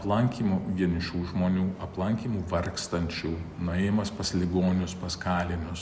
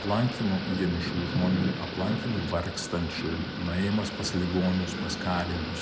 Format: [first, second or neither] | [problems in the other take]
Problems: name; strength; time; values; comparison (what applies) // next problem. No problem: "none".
first | background sound (Thunder / Rain); 5 dB below the speech